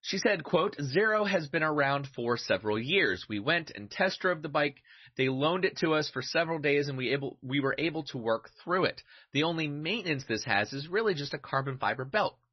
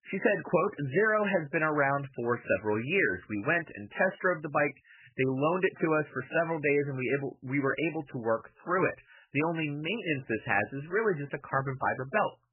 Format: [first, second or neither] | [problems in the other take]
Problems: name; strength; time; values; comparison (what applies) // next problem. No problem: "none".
first | garbled, watery; badly; nothing above 3 kHz; slightly in the first